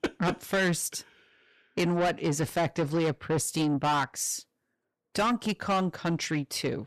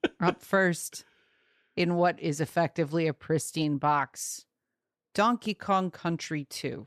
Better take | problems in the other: second | distortion; heavy; 7 dB below the speech

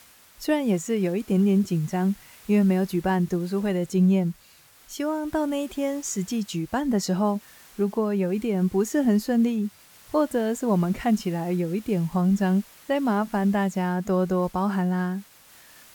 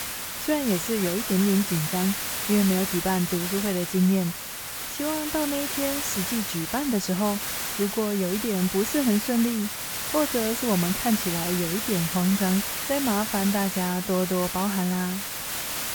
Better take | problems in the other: first | hiss; loud; throughout; 2 dB below the speech; faint in the first

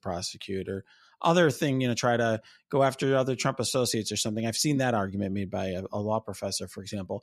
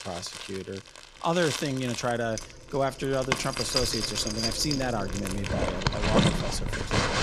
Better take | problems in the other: first | household noises; very loud; throughout; 1 dB above the speech

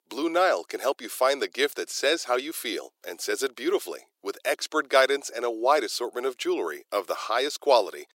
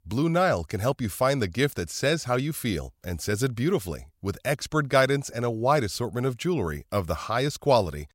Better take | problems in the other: second | thin; very; fading below 350 Hz

